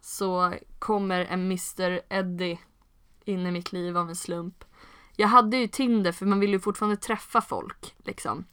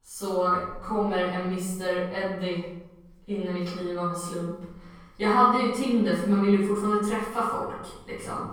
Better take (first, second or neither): first